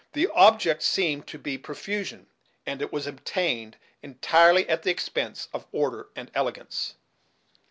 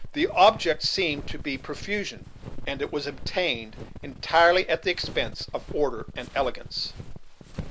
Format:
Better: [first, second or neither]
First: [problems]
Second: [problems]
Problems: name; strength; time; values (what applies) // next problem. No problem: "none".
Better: first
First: none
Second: background sound (Walk, footsteps); 10 dB below the speech